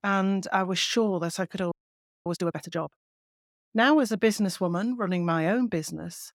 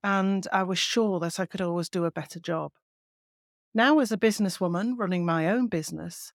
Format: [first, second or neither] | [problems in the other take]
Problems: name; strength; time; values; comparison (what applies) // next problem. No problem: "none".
second | audio freezing; at 1.5 s for 0.5 s